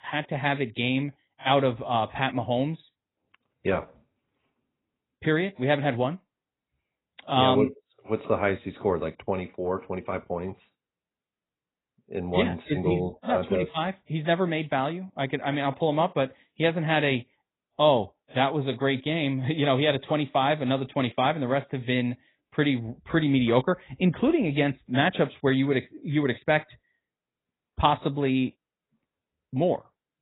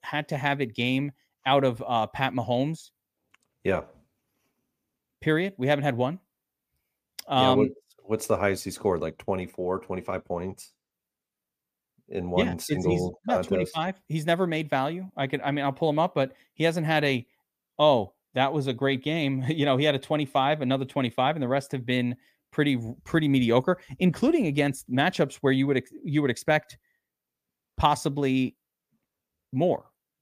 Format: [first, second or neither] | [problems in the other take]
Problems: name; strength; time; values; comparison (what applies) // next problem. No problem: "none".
second | garbled, watery; badly; nothing above 4 kHz